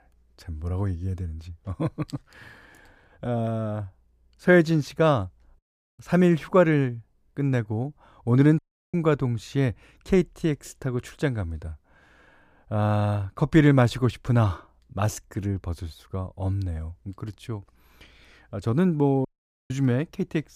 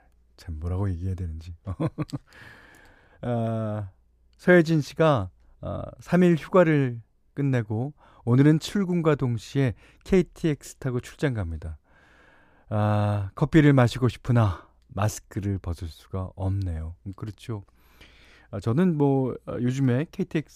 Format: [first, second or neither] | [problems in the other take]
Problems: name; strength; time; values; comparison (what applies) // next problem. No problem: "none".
second | audio cutting out; at 5.5 s, at 8.5 s and at 19 s